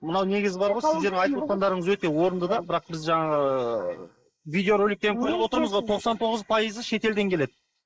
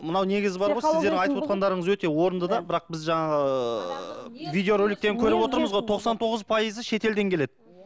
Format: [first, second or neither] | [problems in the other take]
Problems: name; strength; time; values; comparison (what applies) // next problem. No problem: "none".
second | noise reduction (neural mask model Resemble Enhance denoiser)